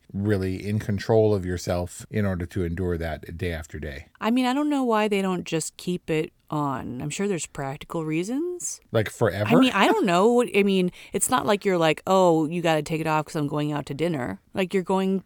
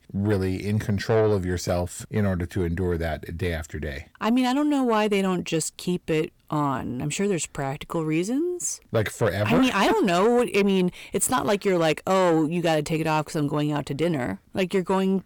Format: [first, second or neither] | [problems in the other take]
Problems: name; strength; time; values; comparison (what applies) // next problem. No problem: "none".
first | distortion; slight; 10 dB below the speech